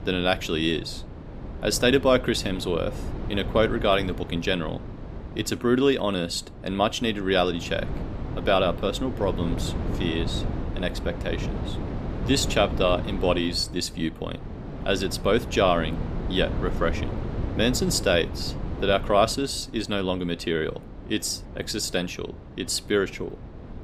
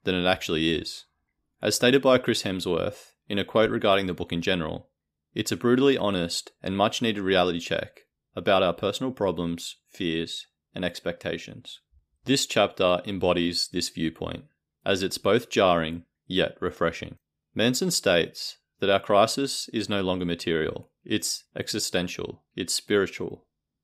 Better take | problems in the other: second | wind noise on the microphone; occasional gusts; 15 dB below the speech

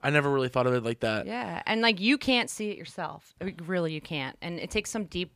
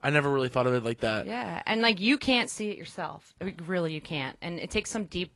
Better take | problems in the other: first | garbled, watery; slightly; nothing above 11 kHz

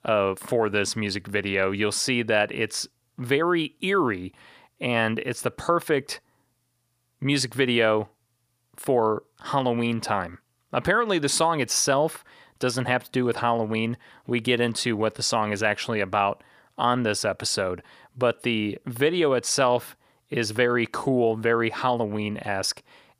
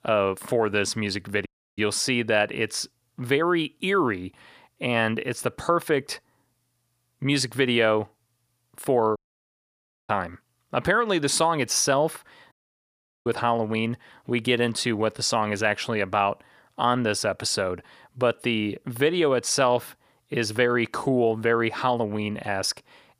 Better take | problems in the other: first | audio cutting out; at 1.5 s, at 9 s for 1 s and at 13 s for 0.5 s

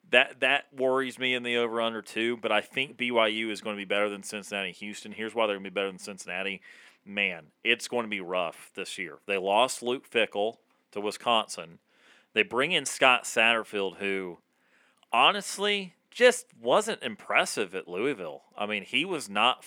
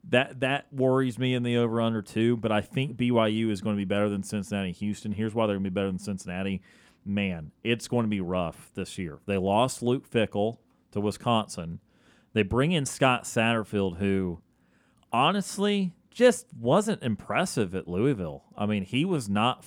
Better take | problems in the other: second | thin; somewhat; fading below 400 Hz

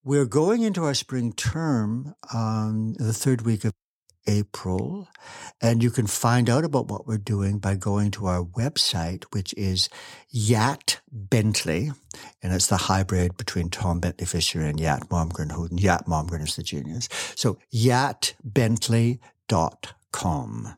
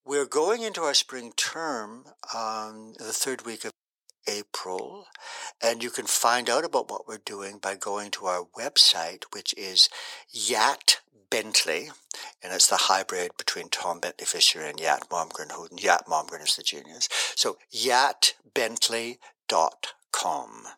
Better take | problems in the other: first | thin; very; fading below 500 Hz

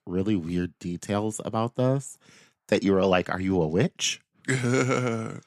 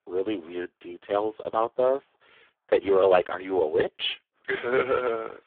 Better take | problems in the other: first | phone-call audio; poor line; nothing above 3.5 kHz

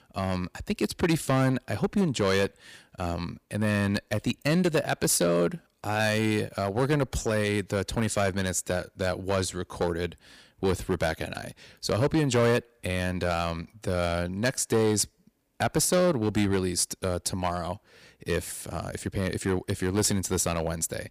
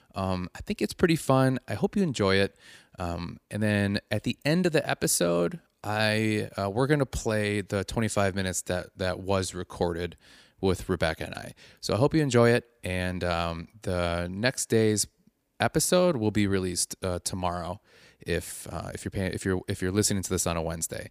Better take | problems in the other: second | distortion; slight; 5% of the sound clipped

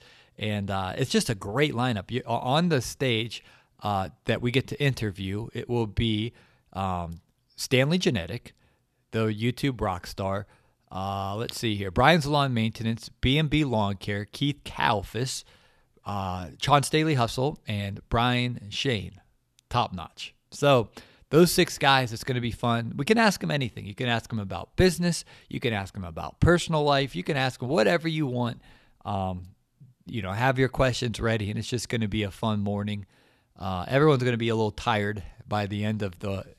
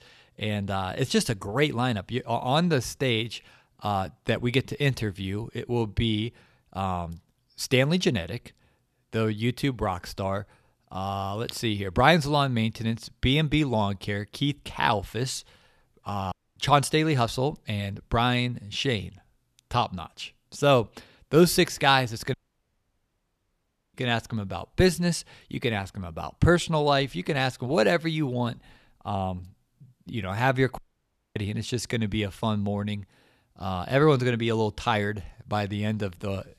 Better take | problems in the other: first | audio cutting out; at 16 s, at 22 s for 1.5 s and at 31 s for 0.5 s

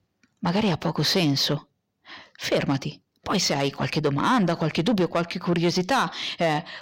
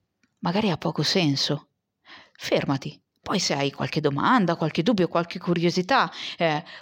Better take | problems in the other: second | distortion; slight; 10 dB below the speech

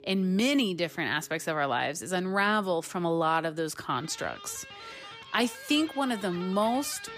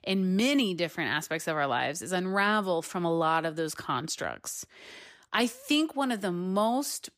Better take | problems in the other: second | background music; noticeable; throughout; 15 dB below the speech

